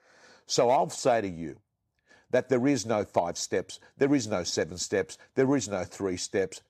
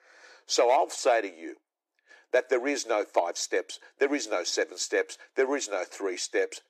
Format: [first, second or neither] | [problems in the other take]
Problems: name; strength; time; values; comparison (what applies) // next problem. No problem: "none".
first | thin; somewhat; fading below 300 Hz